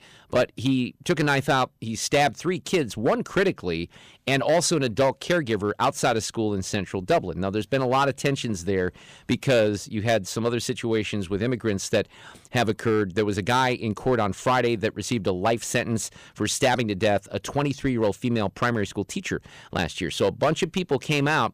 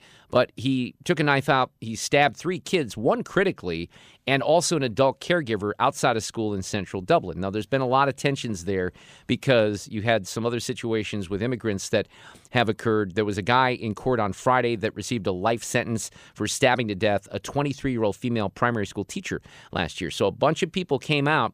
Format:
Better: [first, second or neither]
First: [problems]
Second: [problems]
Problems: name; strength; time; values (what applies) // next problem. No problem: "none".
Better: second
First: distortion; slight; 4% of the sound clipped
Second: none